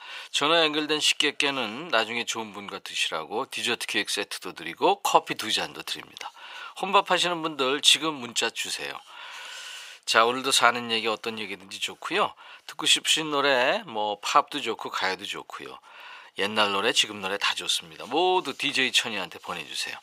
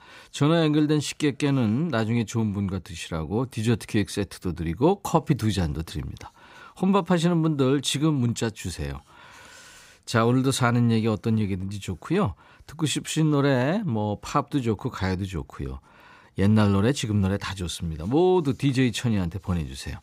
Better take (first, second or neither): second